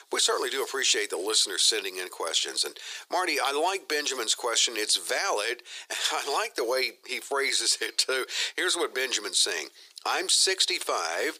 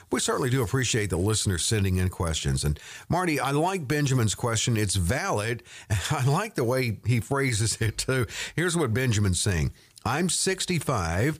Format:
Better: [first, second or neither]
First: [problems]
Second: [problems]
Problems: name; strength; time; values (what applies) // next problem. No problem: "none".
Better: second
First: thin; very; fading below 350 Hz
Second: none